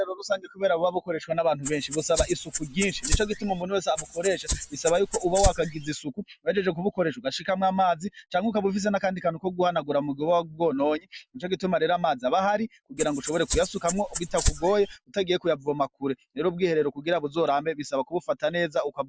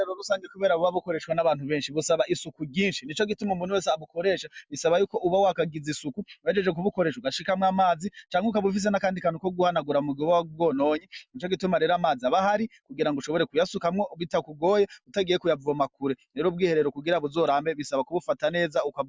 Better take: second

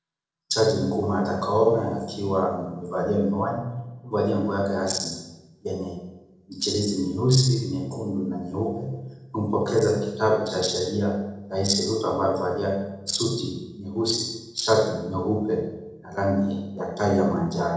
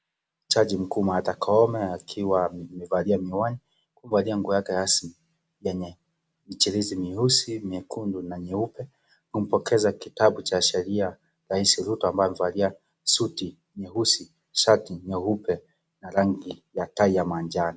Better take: second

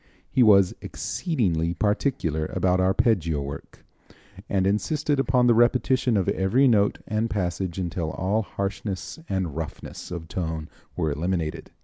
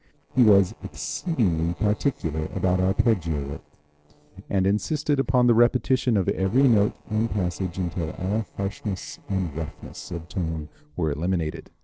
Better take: first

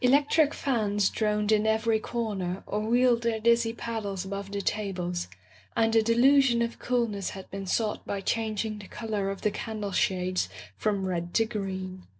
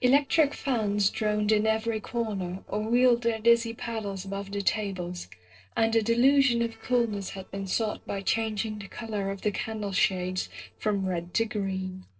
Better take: first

